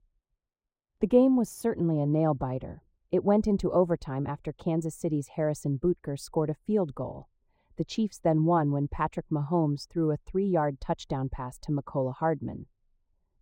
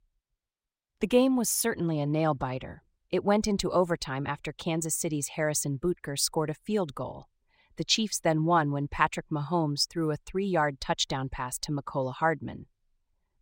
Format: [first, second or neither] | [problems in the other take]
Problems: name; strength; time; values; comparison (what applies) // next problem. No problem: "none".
second | muffled; very; fading above 1 kHz